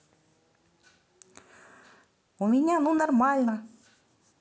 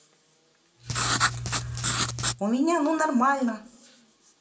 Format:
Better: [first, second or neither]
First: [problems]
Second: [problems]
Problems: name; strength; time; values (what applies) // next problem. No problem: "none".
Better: first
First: none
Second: background sound (Writing); 1 dB above the speech // room echo; dies away in 0.2 s